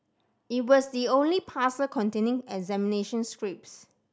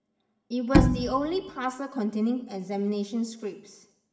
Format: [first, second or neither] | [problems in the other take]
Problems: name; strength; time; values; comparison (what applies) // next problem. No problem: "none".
first | background sound (Bowed string instrument); 5 dB above the speech // room echo; dies away in 0.8 s